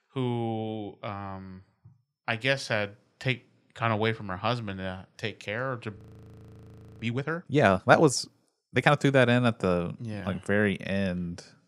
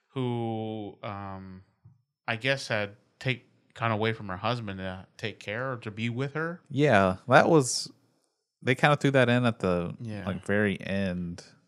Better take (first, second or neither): second